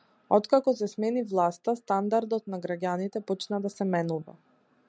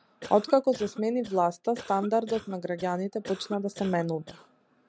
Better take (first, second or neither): first